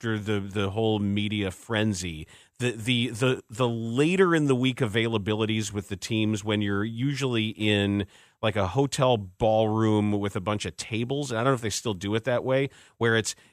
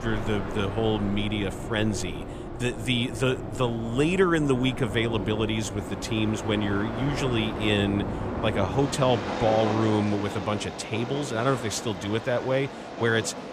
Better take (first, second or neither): first